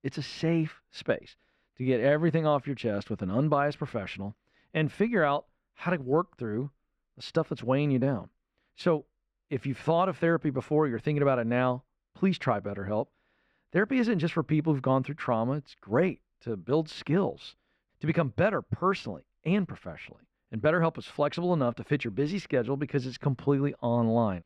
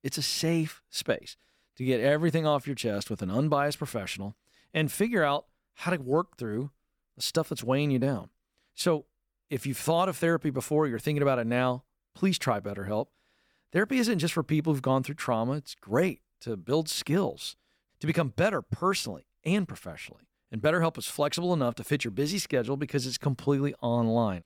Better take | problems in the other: second | muffled; slightly; fading above 2.5 kHz

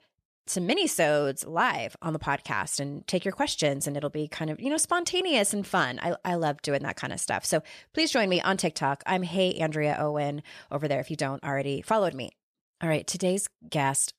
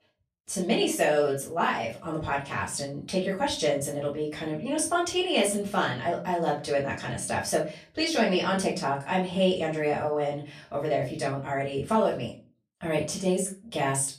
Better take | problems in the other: first | off-mic speech; far // room echo; slight; dies away in 0.3 s

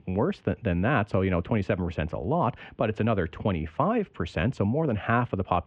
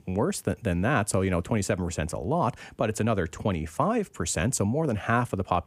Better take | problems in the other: second | muffled; very; fading above 3 kHz

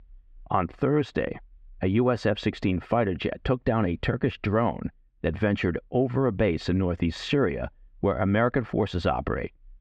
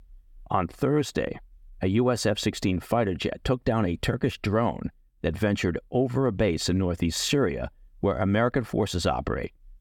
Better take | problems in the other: second | muffled; slightly; fading above 2.5 kHz

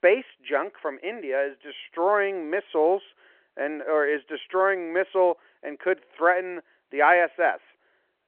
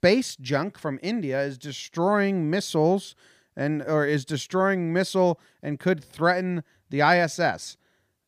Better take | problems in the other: second | phone-call audio

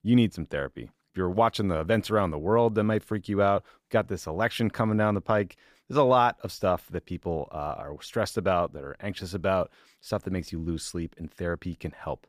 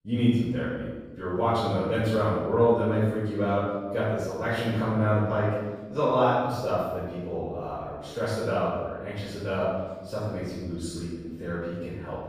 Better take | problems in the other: first | off-mic speech; far // room echo; strong; dies away in 1.1 s

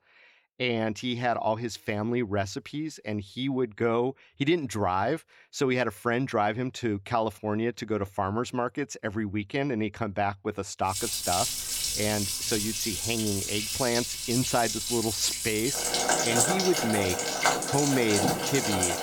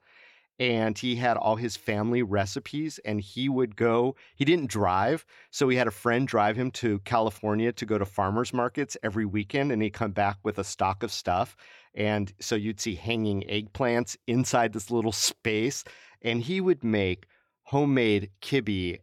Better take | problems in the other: second | household noises; very loud; from 11 s on; 2 dB above the speech

